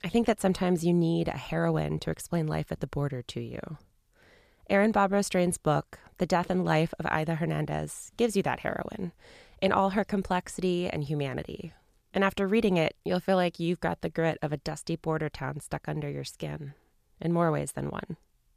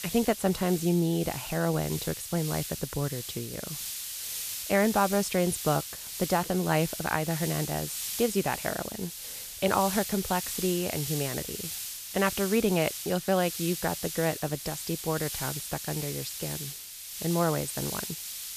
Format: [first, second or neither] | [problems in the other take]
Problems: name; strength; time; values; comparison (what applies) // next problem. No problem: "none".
first | hiss; loud; throughout; 5 dB below the speech